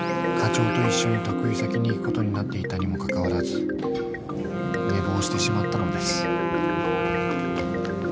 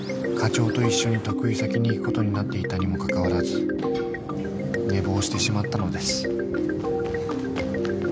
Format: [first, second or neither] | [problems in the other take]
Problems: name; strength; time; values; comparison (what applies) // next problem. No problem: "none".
second | background sound (Wind instrument, woodwind instrument); 4 dB below the speech